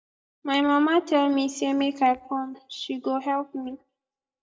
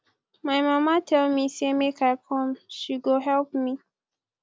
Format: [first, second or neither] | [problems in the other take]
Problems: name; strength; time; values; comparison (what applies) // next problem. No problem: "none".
second | noise reduction (neural mask model DeepFilterNet 3)